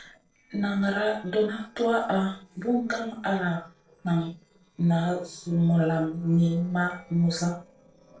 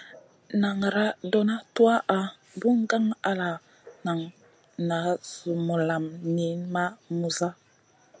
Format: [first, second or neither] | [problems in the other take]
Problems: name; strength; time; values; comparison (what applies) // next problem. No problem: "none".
second | noise reduction (neural separator model SepFormer DNS4)